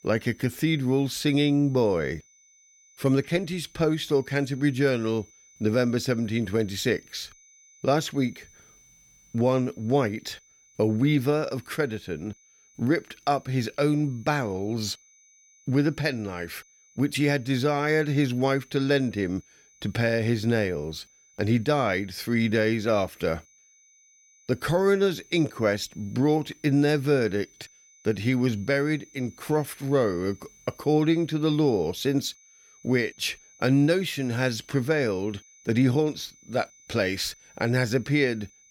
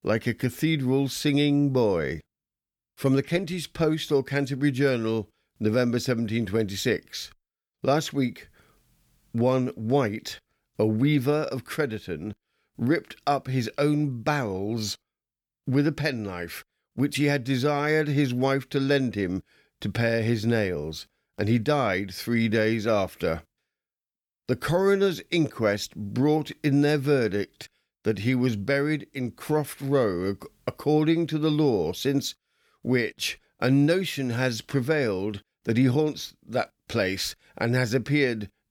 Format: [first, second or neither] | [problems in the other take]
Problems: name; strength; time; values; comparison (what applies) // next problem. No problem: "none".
second | high-pitched whine; faint; throughout; 6 kHz, 30 dB below the speech